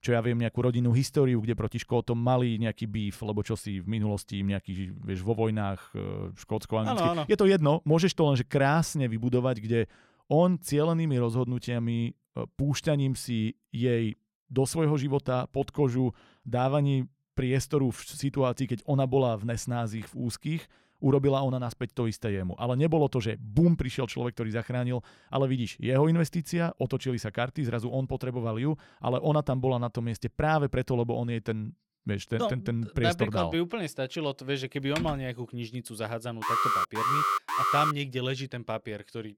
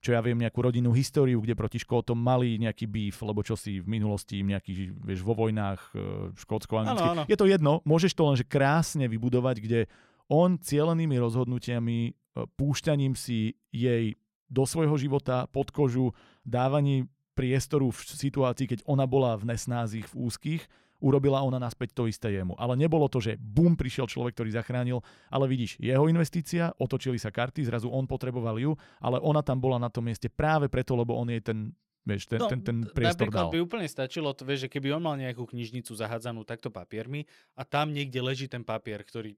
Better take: second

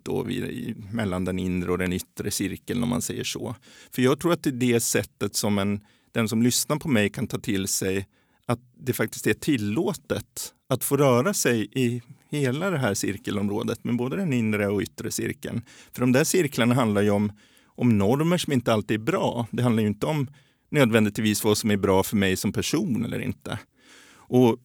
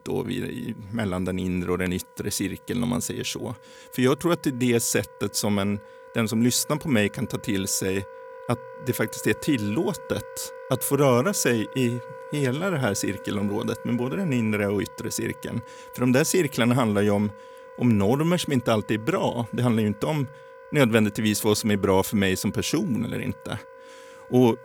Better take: first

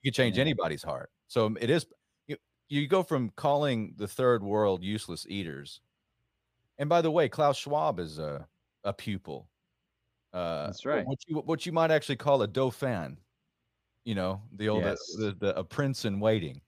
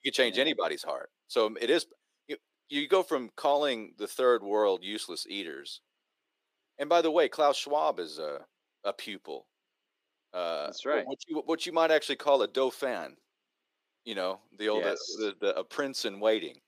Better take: first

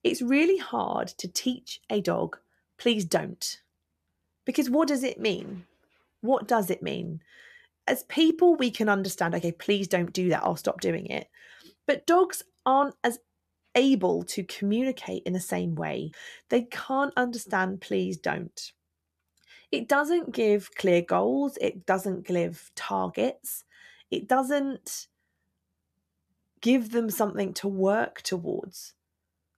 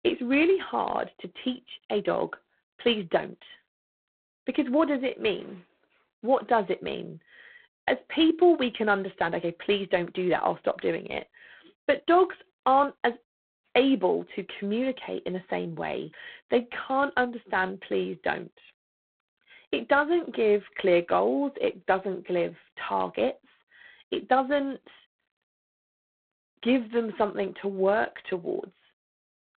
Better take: first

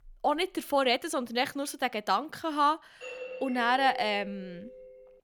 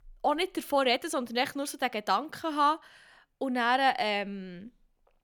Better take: second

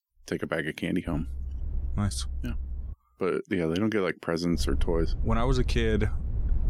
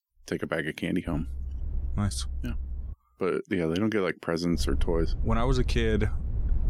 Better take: neither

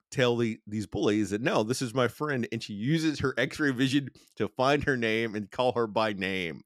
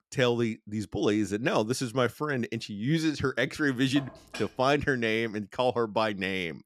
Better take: first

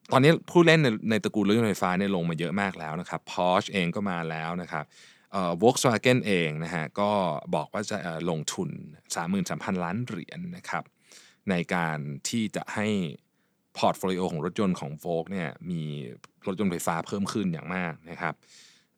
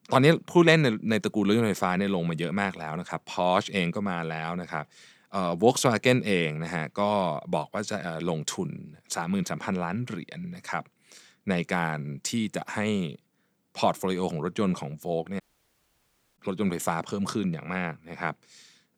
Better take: first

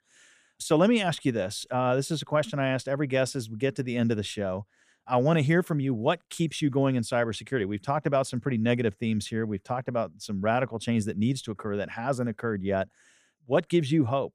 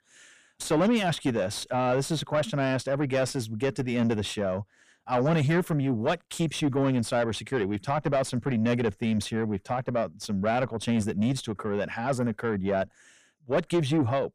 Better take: first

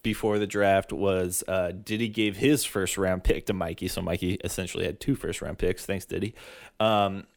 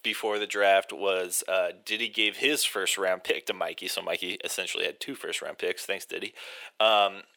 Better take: first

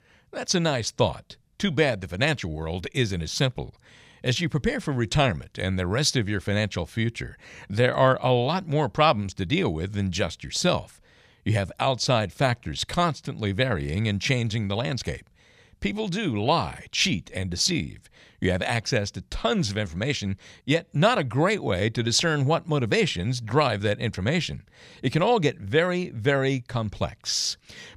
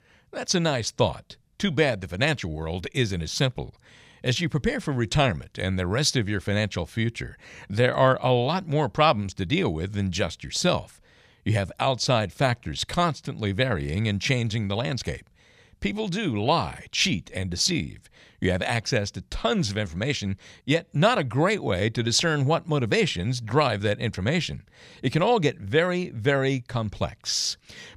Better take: neither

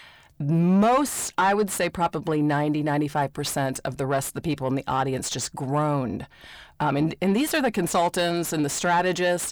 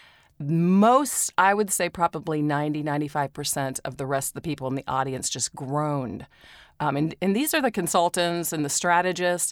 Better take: second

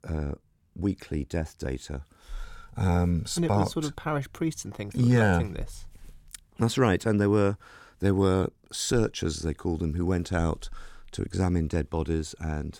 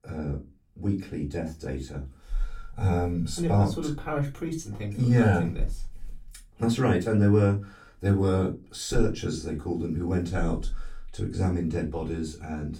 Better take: first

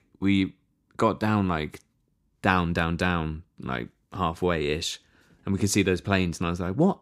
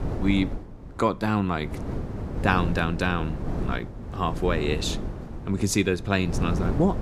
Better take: first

